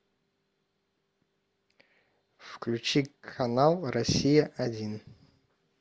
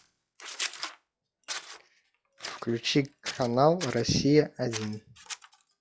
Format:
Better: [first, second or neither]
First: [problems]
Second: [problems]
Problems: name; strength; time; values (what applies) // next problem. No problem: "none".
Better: first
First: none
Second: noise reduction (classical method log-MMSE)